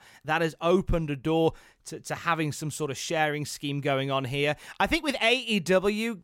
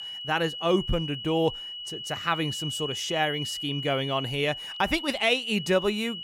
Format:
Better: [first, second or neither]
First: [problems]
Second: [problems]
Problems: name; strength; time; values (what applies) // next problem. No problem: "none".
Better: first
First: none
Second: high-pitched whine; loud; throughout; 3 kHz, 7 dB below the speech